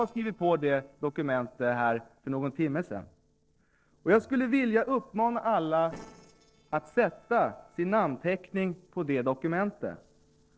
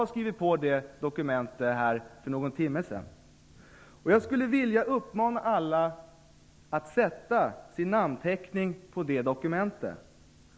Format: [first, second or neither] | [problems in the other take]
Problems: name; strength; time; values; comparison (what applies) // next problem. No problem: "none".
second | noise reduction (neural separator model SepFormer DNS4)